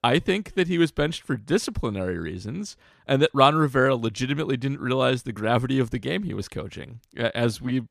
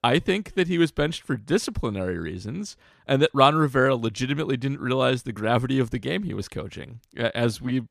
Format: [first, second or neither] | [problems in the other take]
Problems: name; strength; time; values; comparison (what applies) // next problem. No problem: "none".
neither | none